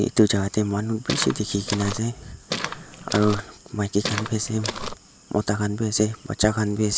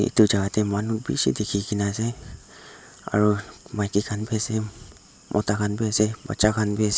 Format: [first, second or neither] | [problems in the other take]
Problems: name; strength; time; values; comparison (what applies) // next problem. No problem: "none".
second | background sound (Walk, footsteps); 6 dB below the speech